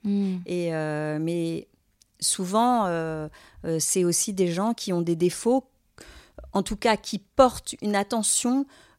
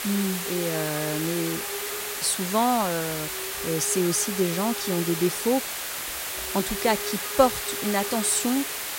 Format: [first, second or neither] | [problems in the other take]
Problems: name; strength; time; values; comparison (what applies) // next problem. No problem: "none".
first | hiss; loud; throughout; 3 dB below the speech